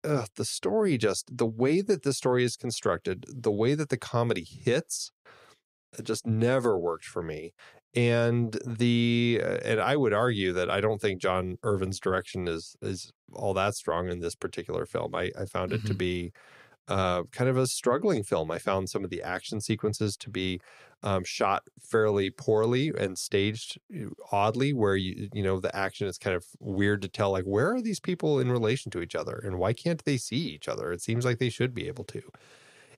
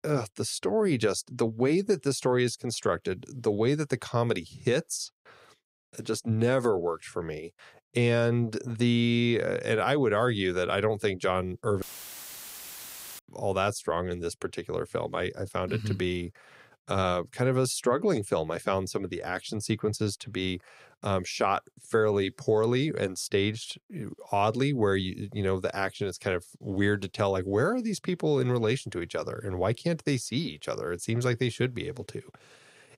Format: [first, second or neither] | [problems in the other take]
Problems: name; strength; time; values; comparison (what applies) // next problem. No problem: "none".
first | audio cutting out; filled with static; at 12 s for 1.5 s